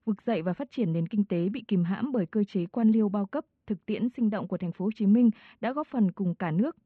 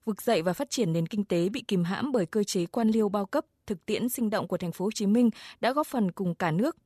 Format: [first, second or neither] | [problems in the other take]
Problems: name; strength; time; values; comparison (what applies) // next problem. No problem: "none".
second | muffled; very; fading above 2.5 kHz